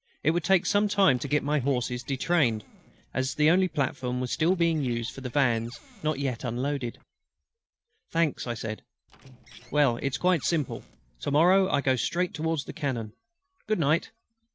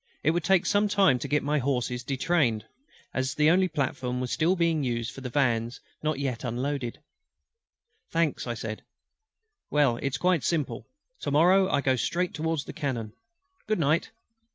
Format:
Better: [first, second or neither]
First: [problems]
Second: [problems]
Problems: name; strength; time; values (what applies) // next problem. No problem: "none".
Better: second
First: noise reduction (neural separator model SepFormer DNS4)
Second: none